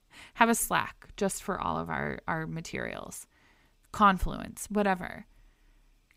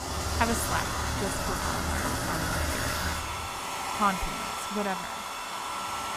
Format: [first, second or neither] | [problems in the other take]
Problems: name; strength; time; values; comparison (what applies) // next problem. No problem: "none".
first | household noises; very loud; throughout; 3 dB above the speech